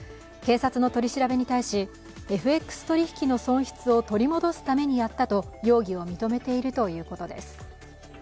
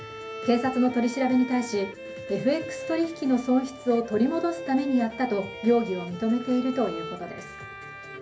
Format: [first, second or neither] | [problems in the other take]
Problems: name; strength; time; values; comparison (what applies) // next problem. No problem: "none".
first | background sound (Bowed string instrument); 12 dB below the speech // room echo; dies away in 0.3 s